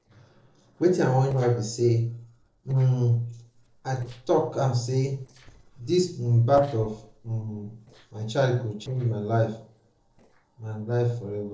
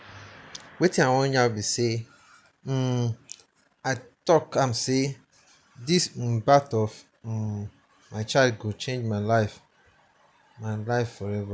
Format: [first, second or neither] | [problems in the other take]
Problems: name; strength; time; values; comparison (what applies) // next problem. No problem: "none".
second | noise reduction (neural separator model SepFormer DNS4)